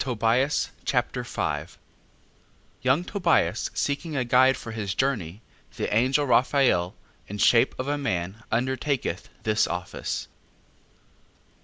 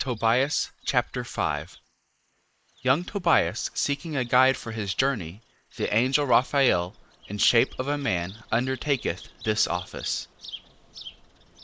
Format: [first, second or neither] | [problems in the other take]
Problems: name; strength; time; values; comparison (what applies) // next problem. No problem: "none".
first | noise reduction (neural mask model Resemble Enhance denoiser)